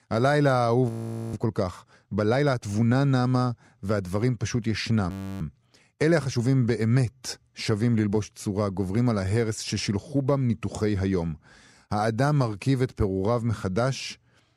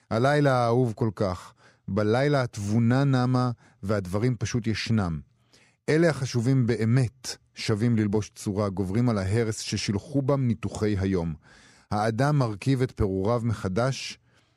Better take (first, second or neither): second